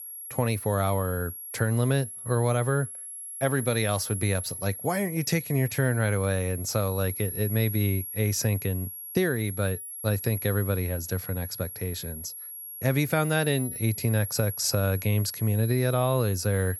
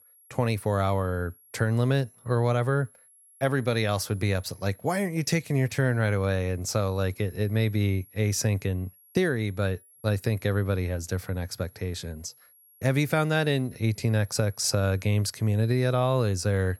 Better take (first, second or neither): second